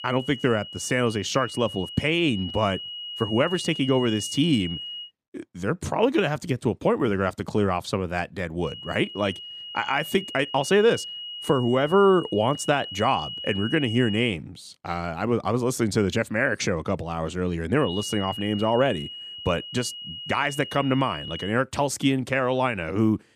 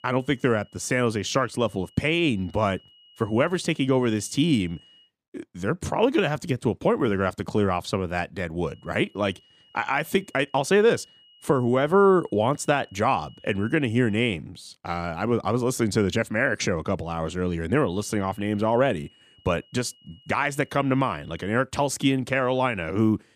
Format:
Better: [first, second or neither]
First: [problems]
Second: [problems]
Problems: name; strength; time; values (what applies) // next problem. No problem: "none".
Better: second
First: high-pitched whine; loud; until 5 s, from 8.5 to 14 s and from 18 to 22 s; 3 kHz, 10 dB below the speech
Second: high-pitched whine; faint; until 5 s, from 8.5 to 14 s and from 18 to 22 s; 3 kHz, 30 dB below the speech